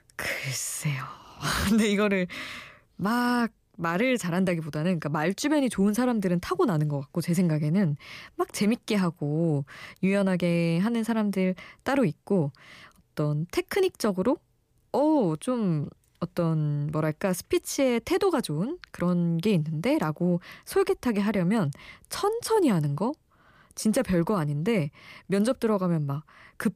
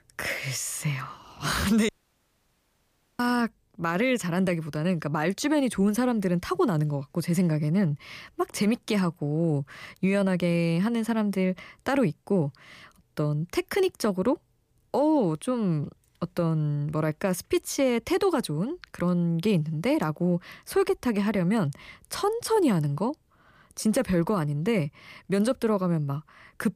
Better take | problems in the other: first | audio cutting out; at 2 s for 1.5 s

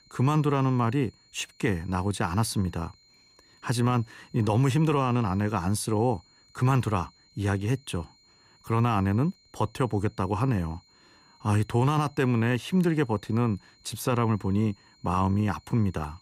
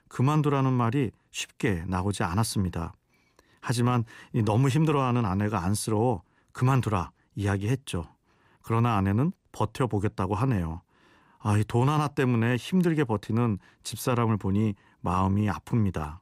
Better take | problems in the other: second | high-pitched whine; faint; throughout; 4 kHz, 30 dB below the speech

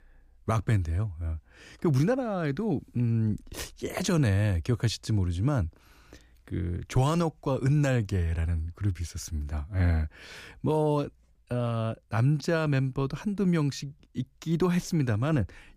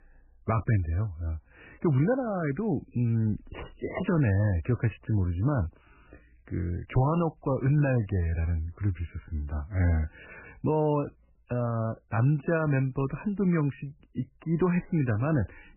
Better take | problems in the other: first | garbled, watery; badly; nothing above 3 kHz

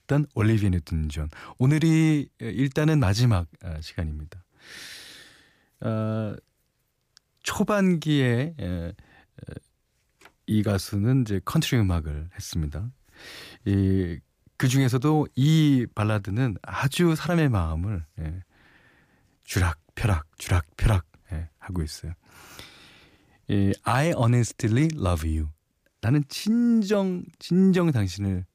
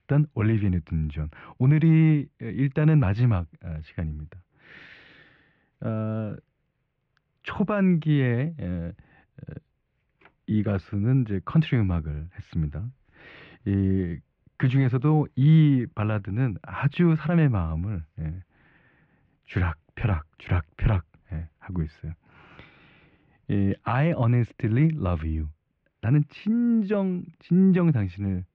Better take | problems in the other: first | muffled; very; fading above 2.5 kHz

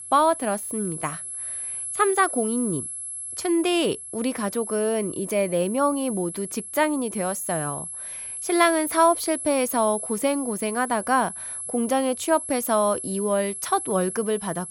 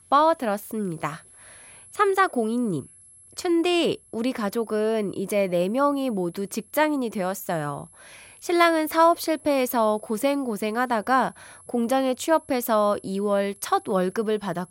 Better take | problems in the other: second | high-pitched whine; loud; throughout; 11 kHz, 7 dB below the speech; faint in the second

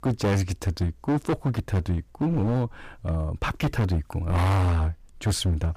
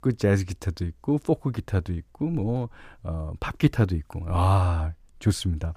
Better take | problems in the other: second | distortion; heavy; 18% of the sound clipped

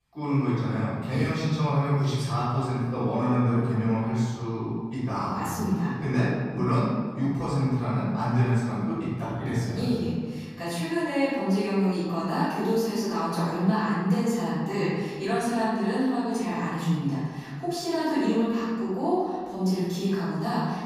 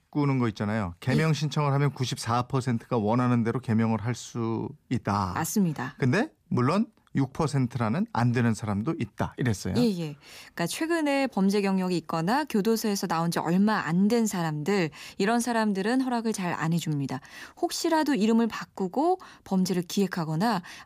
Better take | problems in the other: second | off-mic speech; far // room echo; strong; dies away in 1.5 s

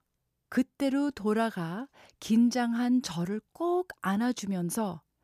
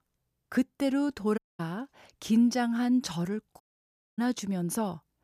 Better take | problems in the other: first | audio cutting out; at 1.5 s and at 3.5 s for 0.5 s

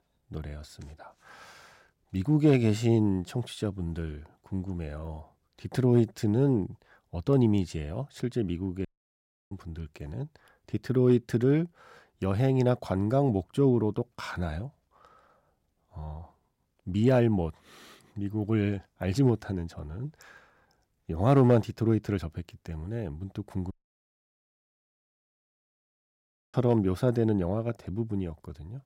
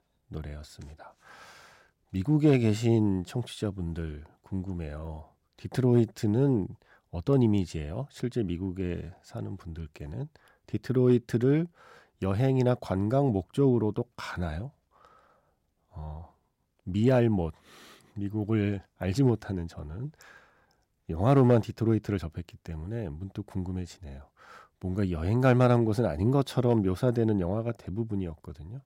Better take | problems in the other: second | audio cutting out; at 9 s for 0.5 s and at 24 s for 3 s

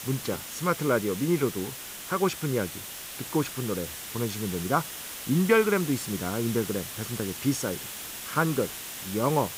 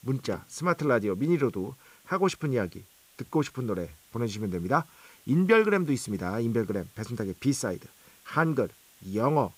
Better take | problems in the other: second | hiss; loud; throughout; 7 dB below the speech; faint in the second

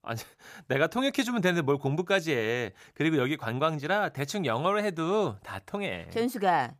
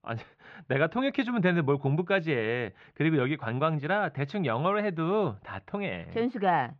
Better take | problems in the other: first | muffled; very; fading above 3 kHz

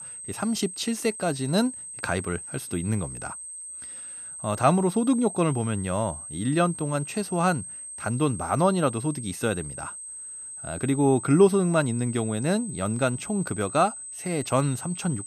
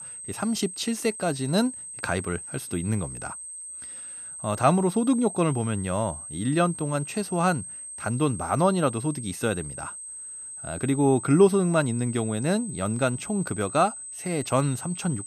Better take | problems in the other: neither | high-pitched whine; loud; throughout; 8.5 kHz, 10 dB below the speech; the same in both

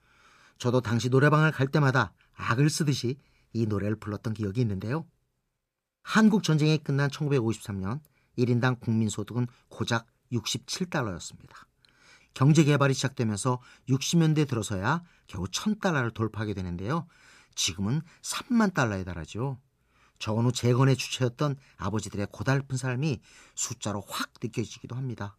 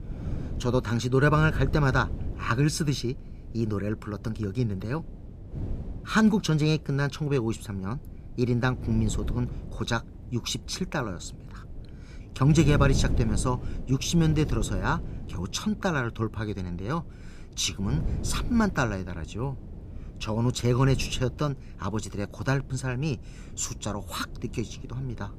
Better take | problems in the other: first | wind noise on the microphone; occasional gusts; 15 dB below the speech

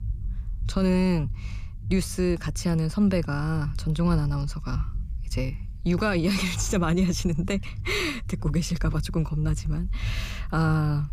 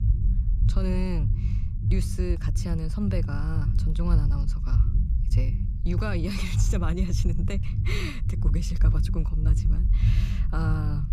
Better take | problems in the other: first | low rumble; loud; throughout; 6 dB below the speech; faint in the first

